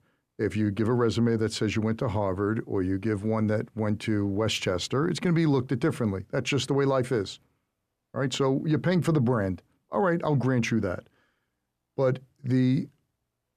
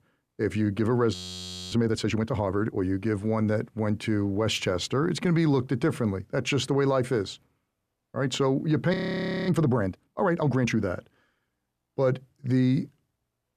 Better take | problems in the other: first | audio freezing; at 1 s for 0.5 s and at 9 s for 0.5 s

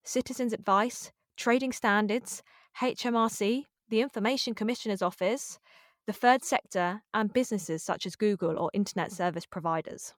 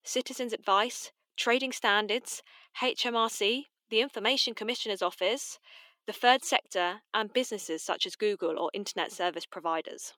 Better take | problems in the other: first | thin; somewhat; fading below 300 Hz

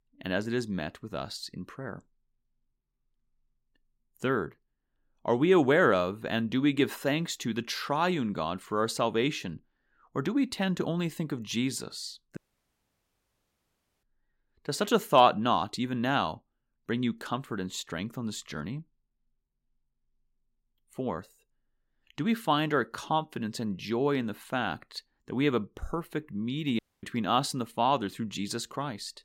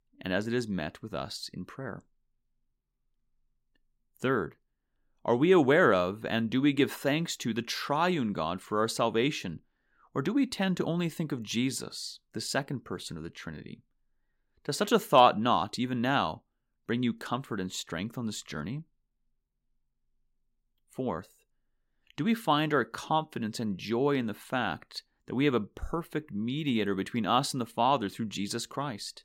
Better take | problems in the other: second | audio cutting out; at 12 s for 1.5 s and at 27 s

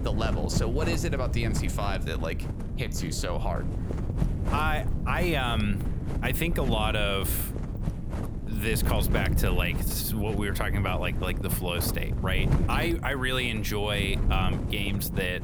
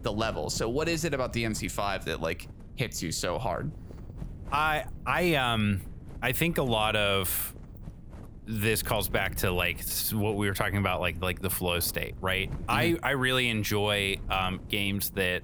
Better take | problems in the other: second | wind noise on the microphone; heavy; 10 dB below the speech; occasional gusts in the second

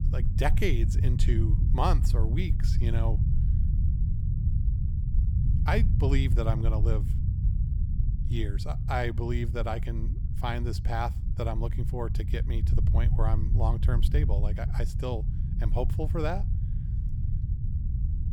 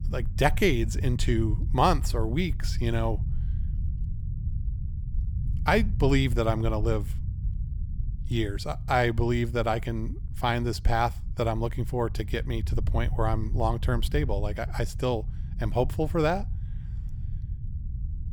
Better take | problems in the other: second | low rumble; loud; throughout; 9 dB below the speech; faint in the second

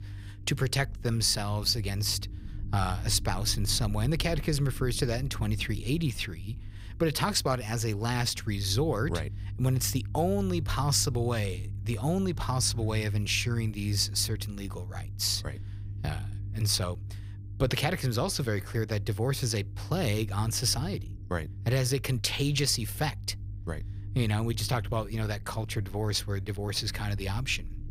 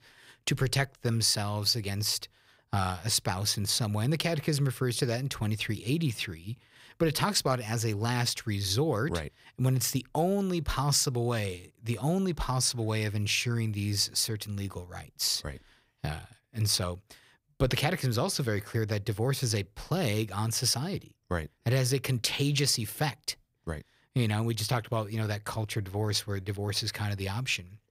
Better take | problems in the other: second | low rumble; faint; throughout; 20 dB below the speech

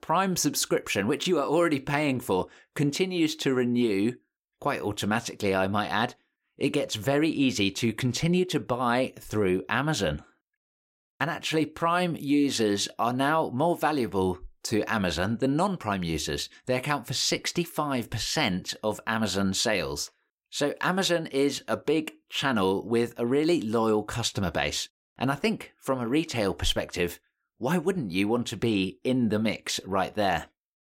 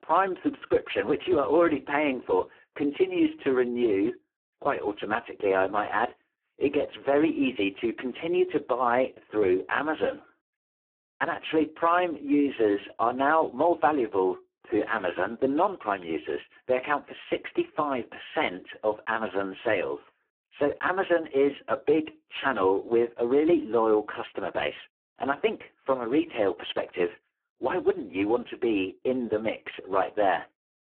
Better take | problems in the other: first | phone-call audio; poor line

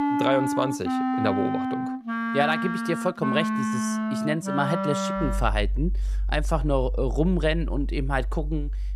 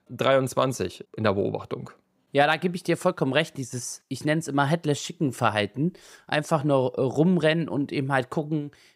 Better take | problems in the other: second | background music; loud; throughout; as loud as the speech

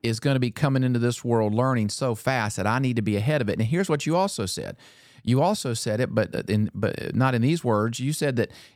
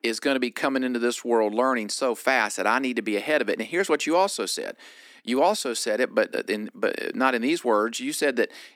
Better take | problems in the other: first | thin; somewhat; fading below 250 Hz

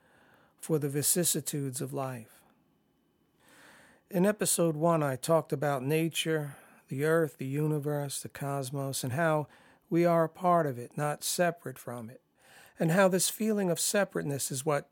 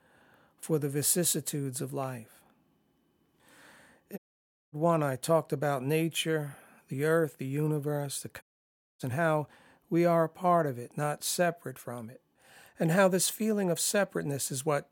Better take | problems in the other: first | audio cutting out; at 4 s for 0.5 s and at 8.5 s for 0.5 s

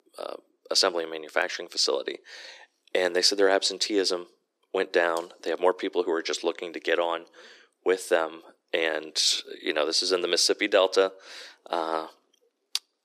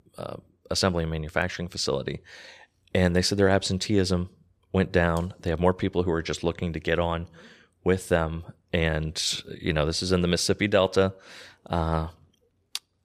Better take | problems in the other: second | thin; very; fading below 300 Hz

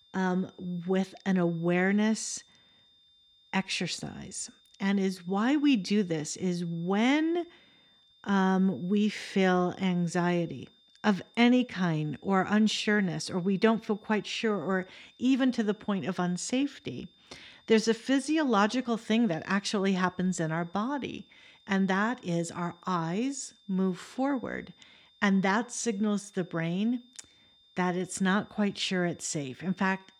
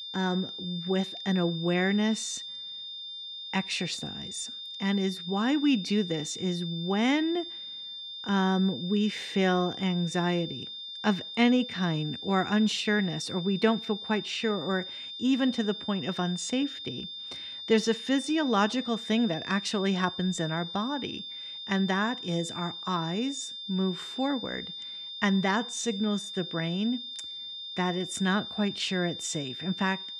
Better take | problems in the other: first | high-pitched whine; loud; throughout; 3.5 kHz, 8 dB below the speech; faint in the first

